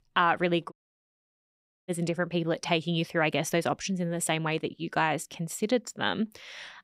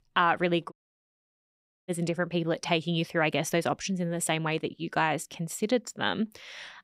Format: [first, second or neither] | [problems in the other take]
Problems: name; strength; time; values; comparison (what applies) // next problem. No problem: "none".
neither | audio cutting out; at 0.5 s for 1 s; the same in both